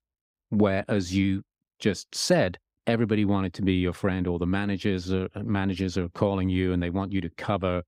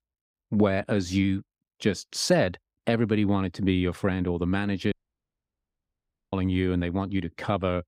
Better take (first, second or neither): first